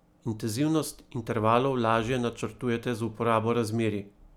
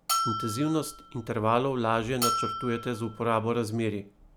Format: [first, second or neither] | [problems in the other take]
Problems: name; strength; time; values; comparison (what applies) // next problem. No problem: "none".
first | background sound (Bell); 5 dB below the speech